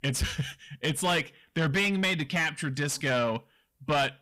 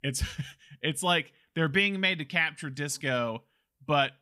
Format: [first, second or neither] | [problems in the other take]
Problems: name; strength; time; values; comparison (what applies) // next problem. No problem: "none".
second | distortion; heavy; 7 dB below the speech